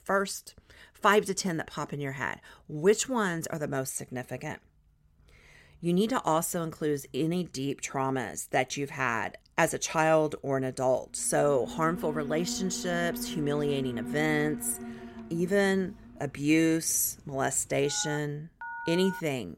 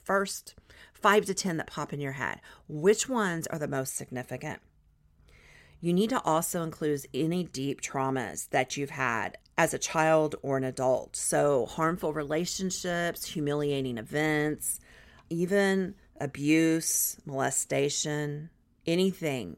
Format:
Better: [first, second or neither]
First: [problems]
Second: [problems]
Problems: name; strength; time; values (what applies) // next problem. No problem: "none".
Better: second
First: alarms or sirens; noticeable; from 12 s on; 10 dB below the speech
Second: none